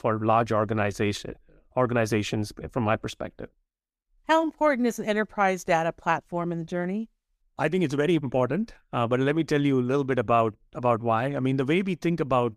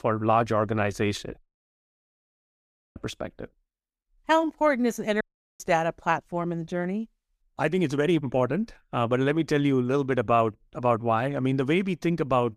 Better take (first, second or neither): first